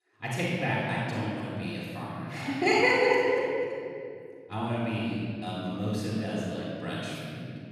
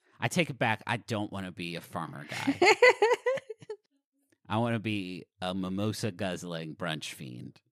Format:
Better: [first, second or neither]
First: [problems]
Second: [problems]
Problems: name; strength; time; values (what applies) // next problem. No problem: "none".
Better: second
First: off-mic speech; far // room echo; strong; dies away in 2.7 s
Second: none